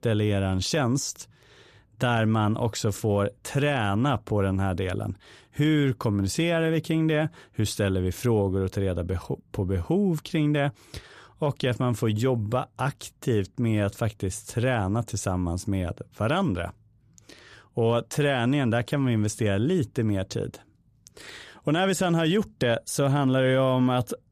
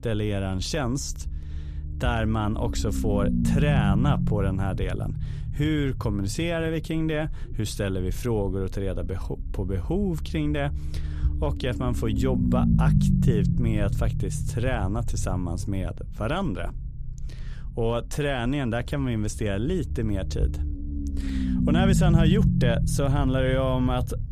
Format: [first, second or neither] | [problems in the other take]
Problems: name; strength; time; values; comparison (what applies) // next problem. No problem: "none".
first | low rumble; loud; throughout; 6 dB below the speech